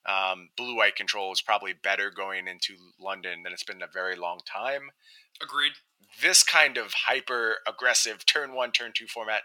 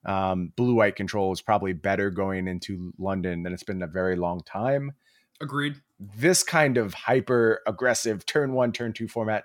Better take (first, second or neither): second